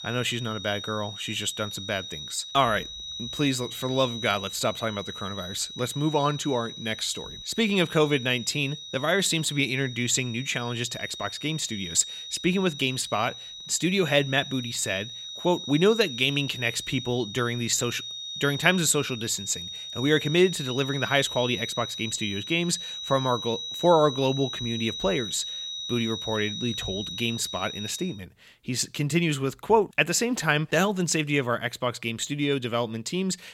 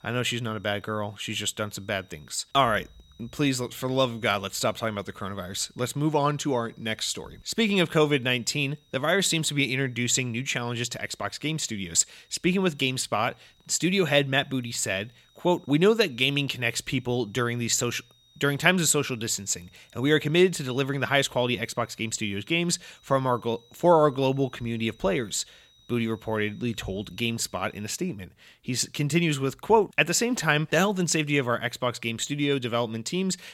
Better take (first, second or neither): second